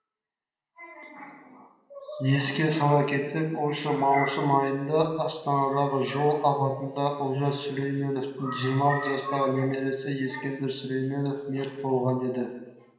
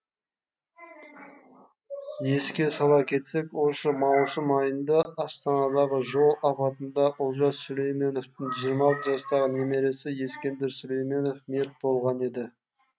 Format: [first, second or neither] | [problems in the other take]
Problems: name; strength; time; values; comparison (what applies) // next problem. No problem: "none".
second | room echo; dies away in 1.1 s